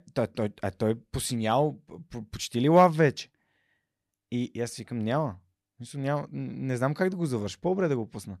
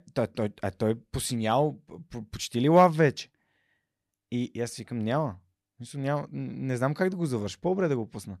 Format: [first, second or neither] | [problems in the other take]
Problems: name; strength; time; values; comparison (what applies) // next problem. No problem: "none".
neither | none